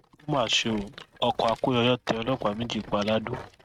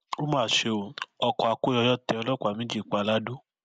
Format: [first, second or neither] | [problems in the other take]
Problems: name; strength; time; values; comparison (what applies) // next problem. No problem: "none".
second | noise reduction (neural mask model RNNoise)